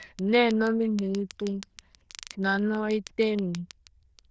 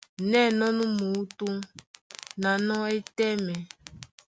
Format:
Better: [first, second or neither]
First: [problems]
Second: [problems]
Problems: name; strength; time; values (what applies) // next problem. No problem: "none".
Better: second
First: noise reduction (neural diffusion model UNIVERSE++)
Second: none